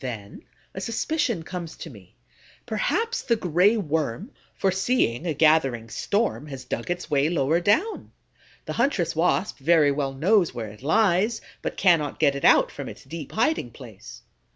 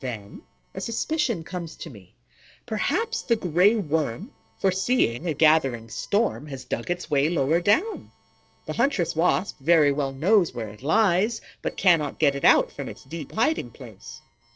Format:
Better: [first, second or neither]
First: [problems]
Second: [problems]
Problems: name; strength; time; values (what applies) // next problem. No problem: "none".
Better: first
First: none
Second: noise reduction (neural separator model SepFormer DNS4)